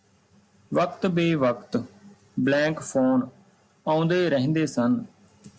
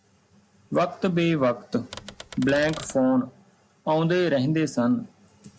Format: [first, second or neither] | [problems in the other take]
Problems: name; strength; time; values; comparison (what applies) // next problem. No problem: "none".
first | background sound (Typewriter); 16 dB below the speech